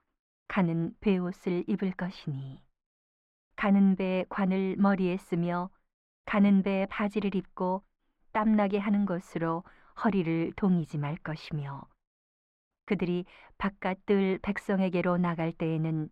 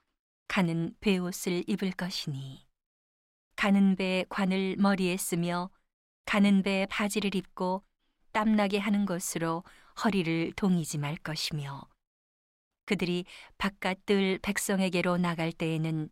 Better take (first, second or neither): second